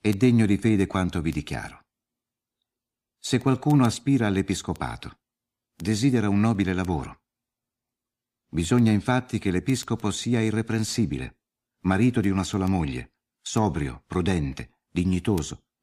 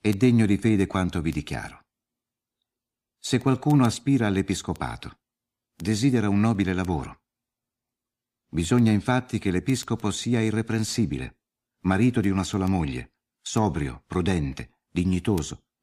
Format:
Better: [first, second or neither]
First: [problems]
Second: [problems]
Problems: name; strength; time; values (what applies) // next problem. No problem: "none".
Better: neither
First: none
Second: none